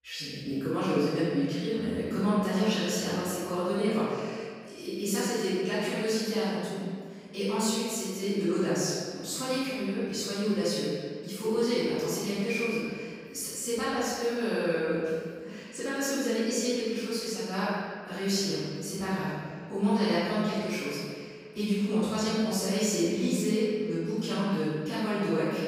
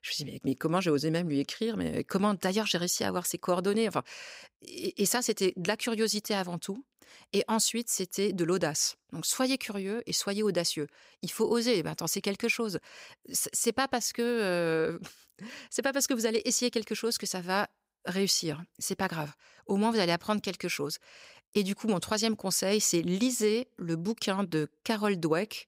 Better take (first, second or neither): second